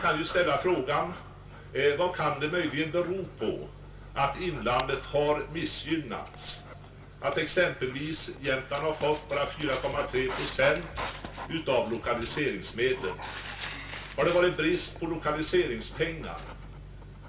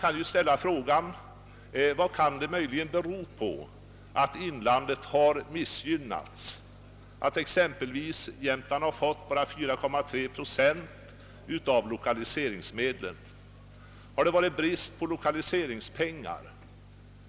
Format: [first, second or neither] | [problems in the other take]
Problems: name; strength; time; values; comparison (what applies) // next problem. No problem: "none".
second | background sound (Dog); 13 dB below the speech // room echo; dies away in 0.3 s